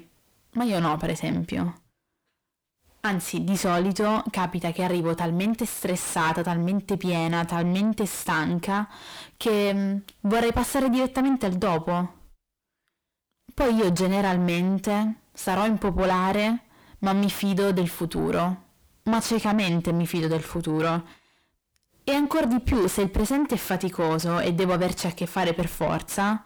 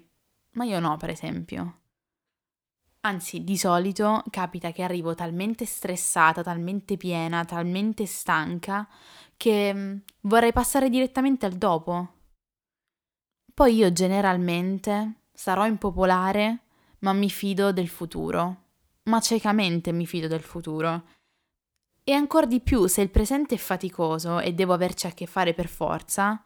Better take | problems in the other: second | distortion; heavy; 6 dB below the speech

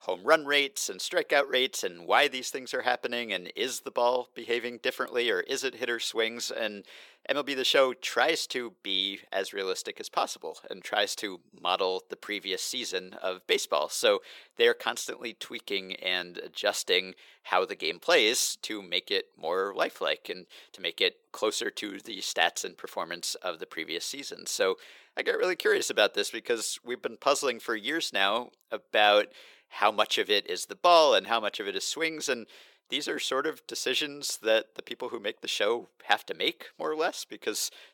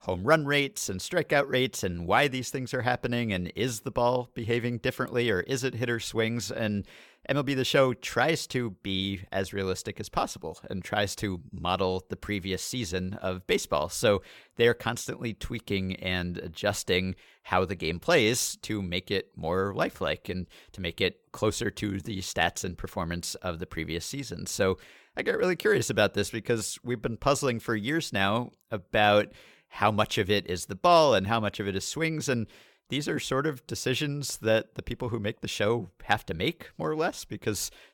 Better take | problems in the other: second | thin; somewhat; fading below 350 Hz

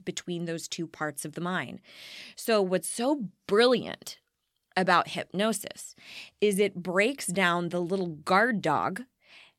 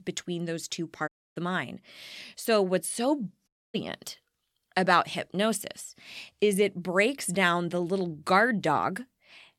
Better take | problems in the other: first | audio cutting out; at 1 s and at 3.5 s

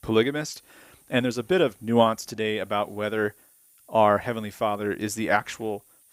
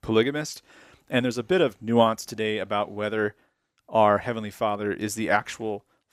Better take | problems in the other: second | hiss; faint; throughout; 30 dB below the speech

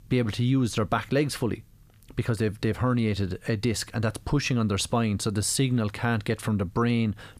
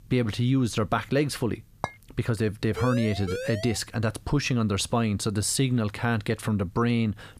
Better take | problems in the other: first | clattering dishes; very faint; at 2 s; peak 10 dB below the speech // siren; noticeable; from 3 to 4 s; peak 7 dB below the speech

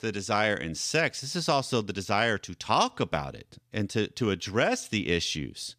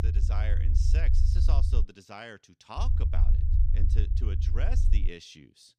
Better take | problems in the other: first | low rumble; loud; until 2 s and from 3 to 5 s; 4 dB below the speech

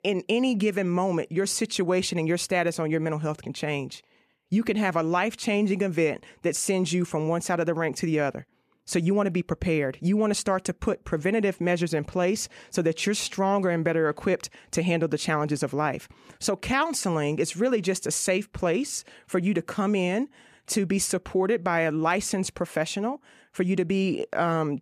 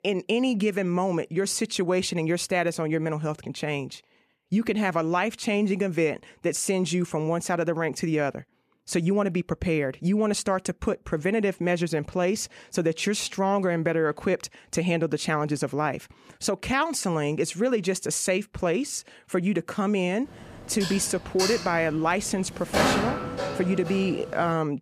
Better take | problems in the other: first | clattering dishes; loud; from 21 s on; peak 3 dB above the speech

